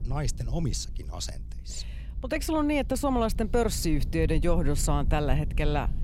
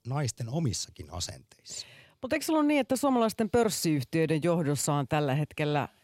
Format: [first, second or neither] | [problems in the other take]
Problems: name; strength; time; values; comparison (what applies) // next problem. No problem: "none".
second | low rumble; faint; throughout; 20 dB below the speech